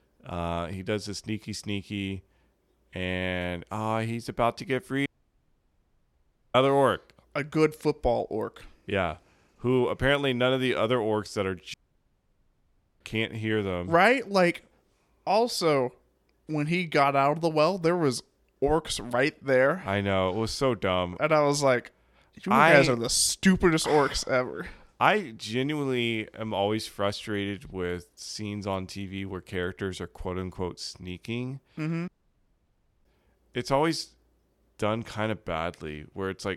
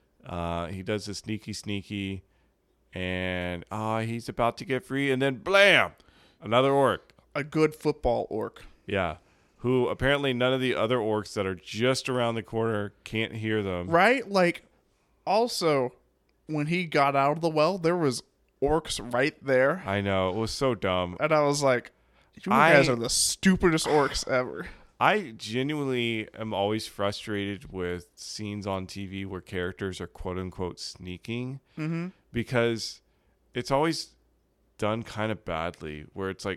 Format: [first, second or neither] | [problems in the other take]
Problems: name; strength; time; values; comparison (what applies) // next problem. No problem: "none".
second | audio cutting out; at 5 s for 1.5 s, at 12 s for 1.5 s and at 32 s for 1 s